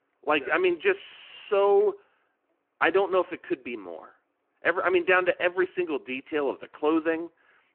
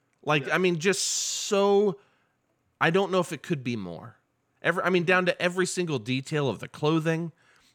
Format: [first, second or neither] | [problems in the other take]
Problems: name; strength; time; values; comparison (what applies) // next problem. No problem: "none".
second | phone-call audio